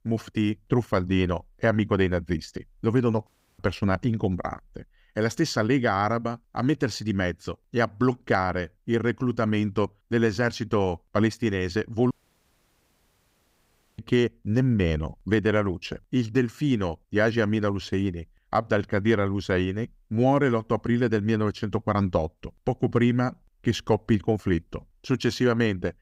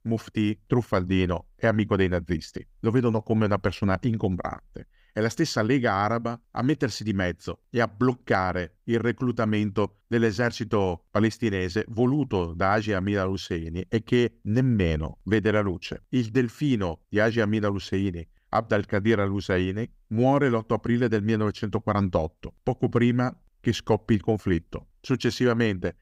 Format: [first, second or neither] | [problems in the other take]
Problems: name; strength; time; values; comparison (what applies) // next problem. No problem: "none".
second | audio cutting out; at 3.5 s and at 12 s for 2 s